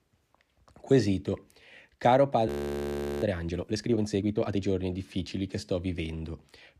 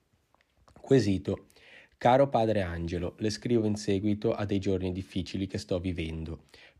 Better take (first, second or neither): second